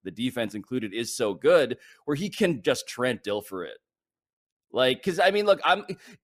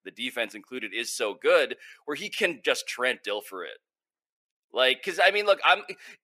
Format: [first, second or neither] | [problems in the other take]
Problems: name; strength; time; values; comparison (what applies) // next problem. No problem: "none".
first | thin; somewhat; fading below 450 Hz